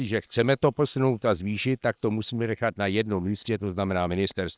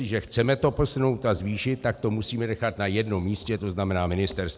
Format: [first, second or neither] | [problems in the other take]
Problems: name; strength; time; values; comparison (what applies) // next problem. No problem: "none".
second | noise reduction (neural separator model SepFormer WHAM!)